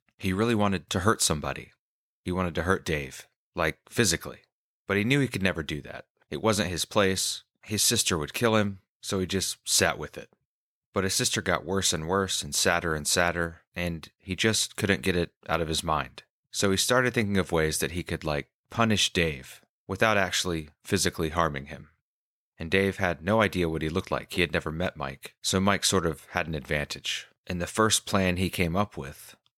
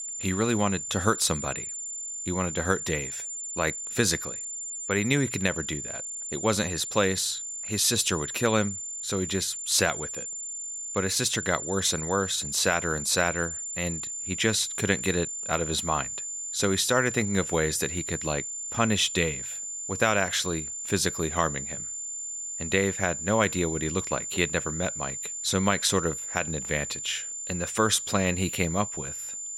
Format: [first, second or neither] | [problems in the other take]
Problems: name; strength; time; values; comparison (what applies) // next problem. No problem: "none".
first | high-pitched whine; loud; throughout; 7 kHz, 5 dB below the speech